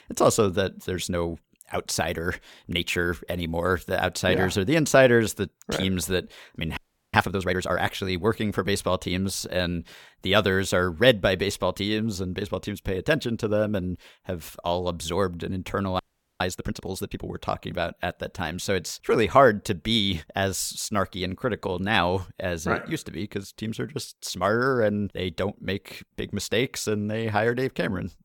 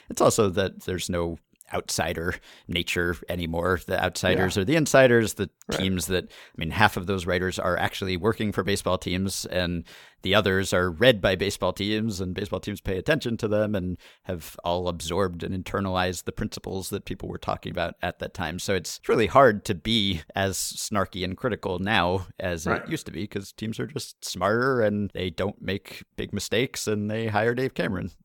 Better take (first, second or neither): second